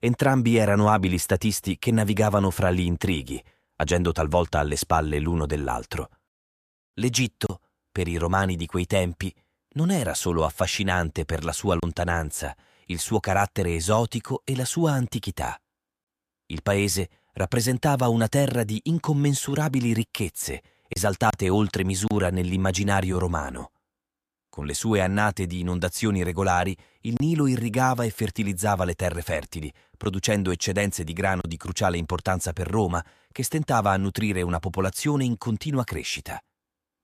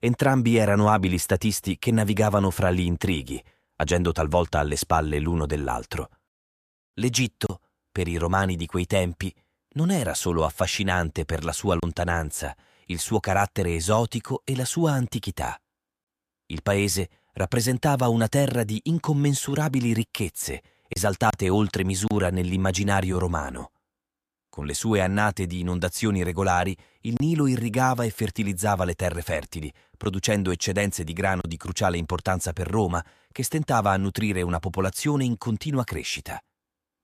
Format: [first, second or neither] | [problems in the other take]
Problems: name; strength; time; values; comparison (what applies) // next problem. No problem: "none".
neither | none